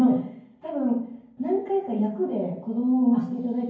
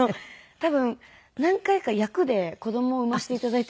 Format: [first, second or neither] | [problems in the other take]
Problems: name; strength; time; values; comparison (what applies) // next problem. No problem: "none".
second | room echo; dies away in 0.9 s